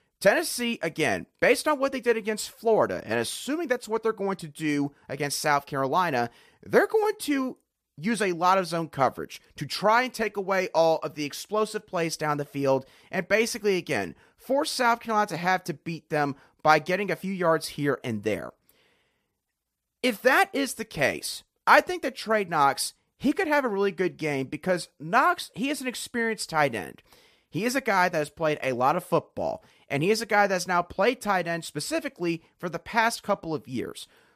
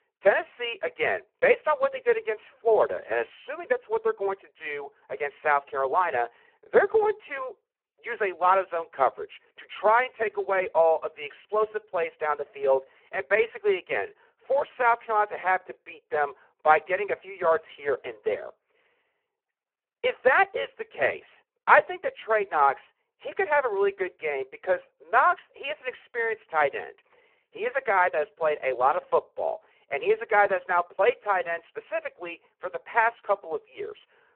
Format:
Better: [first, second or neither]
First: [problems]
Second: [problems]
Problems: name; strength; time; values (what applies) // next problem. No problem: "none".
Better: first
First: none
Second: phone-call audio; poor line